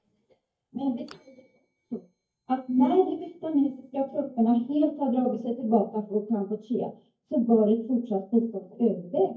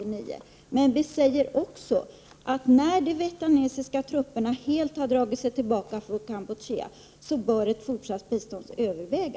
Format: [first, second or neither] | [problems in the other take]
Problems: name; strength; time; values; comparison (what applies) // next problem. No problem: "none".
second | noise reduction (neural mask model DeepFilterNet 3)